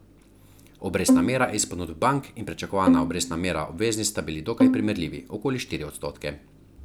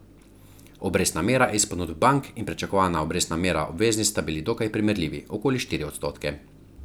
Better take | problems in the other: second | background sound (Bowed string instrument); 2 dB above the speech

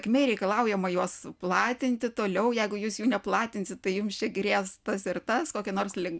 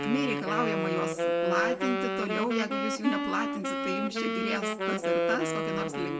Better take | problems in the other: first | background sound (Wind instrument, woodwind instrument); 2 dB above the speech // room echo; dies away in 1.1 s

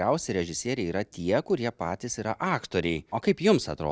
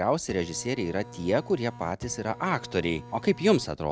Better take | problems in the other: first | background sound (Printer); 16 dB below the speech

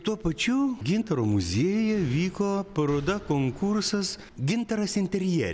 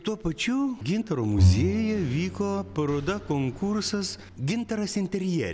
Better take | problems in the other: first | background sound (Bowed string instrument); 1 dB below the speech

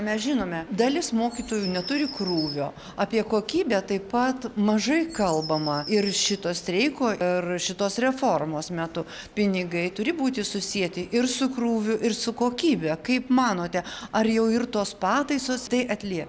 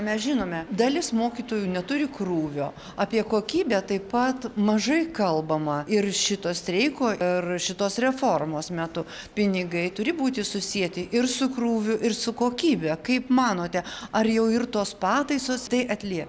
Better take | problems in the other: second | background sound (Bird vocalization, bird call, bird song); 14 dB below the speech

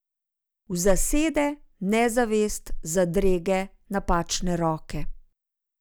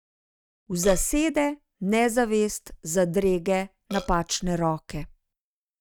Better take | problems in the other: first | noise reduction (neural mask model RNNoise)

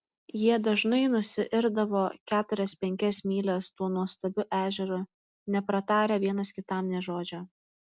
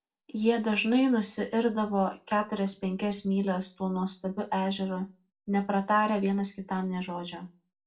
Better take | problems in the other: first | room echo; dies away in 0.2 s

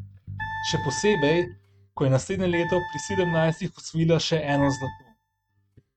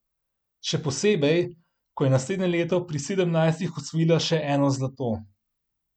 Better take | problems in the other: second | noise reduction (neural mask model RNNoise)

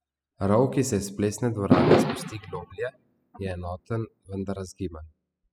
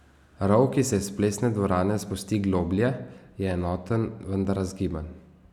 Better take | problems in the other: second | noise reduction (classical method spectral subtraction)

